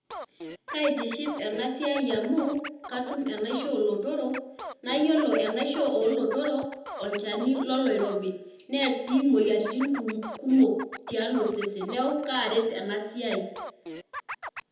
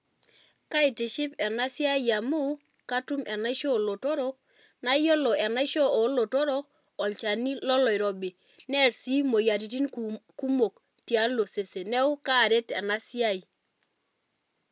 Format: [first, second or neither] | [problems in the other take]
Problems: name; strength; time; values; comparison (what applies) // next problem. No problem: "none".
second | background sound (Scratching (performance technique)); 13 dB below the speech // room echo; dies away in 0.8 s